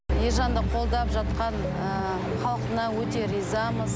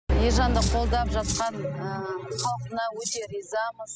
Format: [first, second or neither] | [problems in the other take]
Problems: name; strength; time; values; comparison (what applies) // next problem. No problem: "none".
first | noise reduction (classical method spectral subtraction)